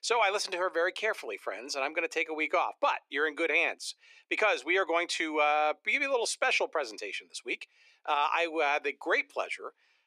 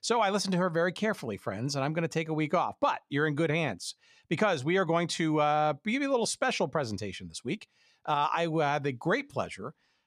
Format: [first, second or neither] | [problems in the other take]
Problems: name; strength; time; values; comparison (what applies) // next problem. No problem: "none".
second | thin; very; fading below 350 Hz